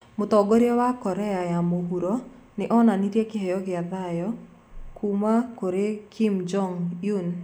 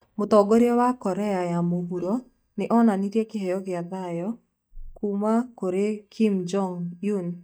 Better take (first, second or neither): first